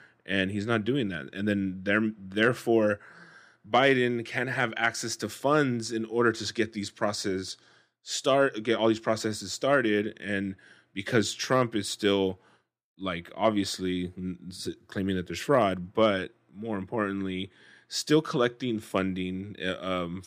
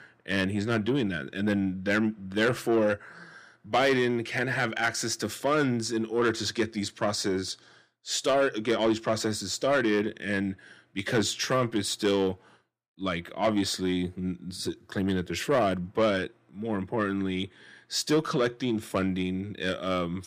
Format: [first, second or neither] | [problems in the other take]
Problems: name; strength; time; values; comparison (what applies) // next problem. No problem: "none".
first | distortion; slight; 10 dB below the speech